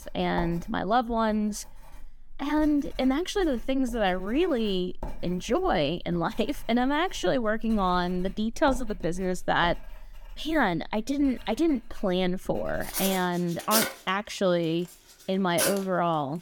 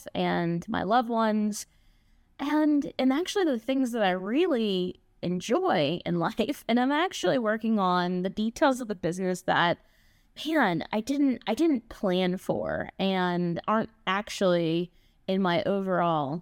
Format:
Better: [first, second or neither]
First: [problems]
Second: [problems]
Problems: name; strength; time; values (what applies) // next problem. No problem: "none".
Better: second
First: household noises; loud; throughout; 8 dB below the speech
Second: none